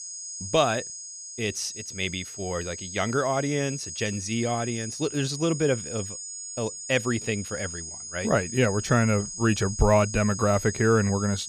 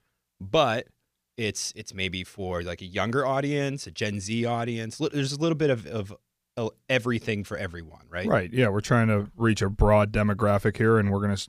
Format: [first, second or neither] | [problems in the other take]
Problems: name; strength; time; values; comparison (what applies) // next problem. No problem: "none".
second | high-pitched whine; loud; throughout; 6.5 kHz, 9 dB below the speech